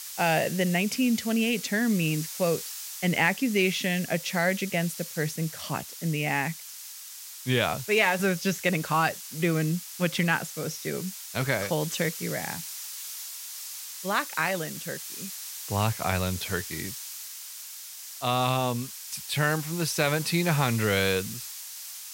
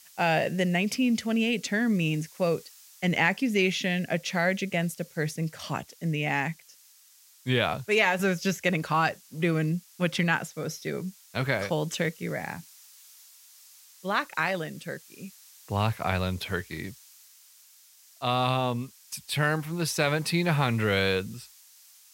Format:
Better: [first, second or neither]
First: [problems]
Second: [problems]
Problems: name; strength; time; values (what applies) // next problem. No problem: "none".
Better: second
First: hiss; loud; throughout; 9 dB below the speech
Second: hiss; faint; throughout; 25 dB below the speech